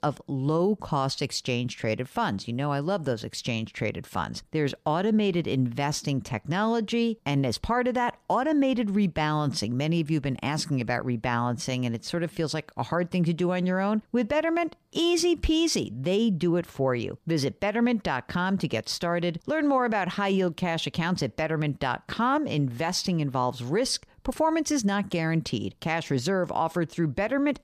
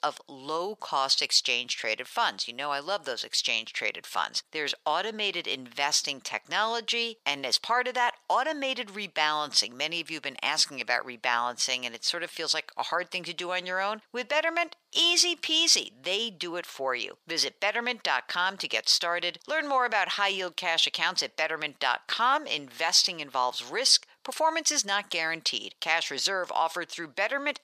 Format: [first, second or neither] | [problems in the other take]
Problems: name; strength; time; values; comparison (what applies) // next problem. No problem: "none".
first | thin; very; fading below 750 Hz